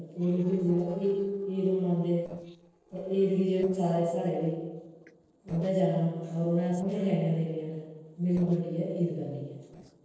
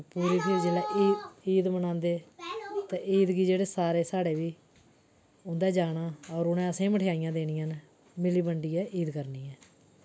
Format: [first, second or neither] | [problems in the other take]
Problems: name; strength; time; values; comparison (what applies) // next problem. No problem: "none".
second | noise reduction (neural separator model SepFormer DNS4)